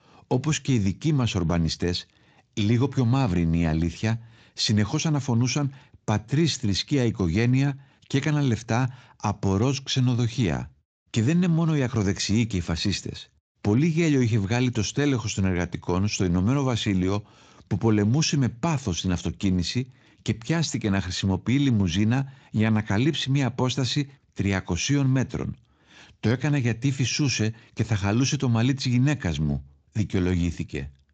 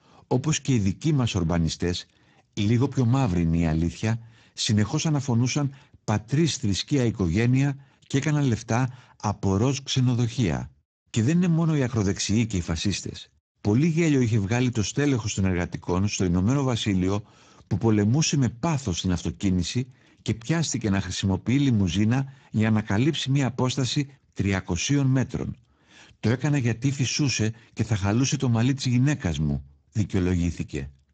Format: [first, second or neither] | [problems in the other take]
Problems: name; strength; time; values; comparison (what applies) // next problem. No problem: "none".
first | garbled, watery; badly; nothing above 7.5 kHz; slightly in the first